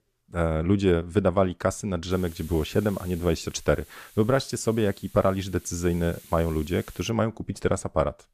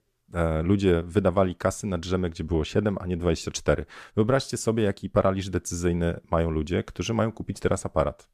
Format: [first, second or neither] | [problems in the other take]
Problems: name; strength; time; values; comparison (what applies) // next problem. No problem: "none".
second | hiss; faint; from 2 to 7 s; 20 dB below the speech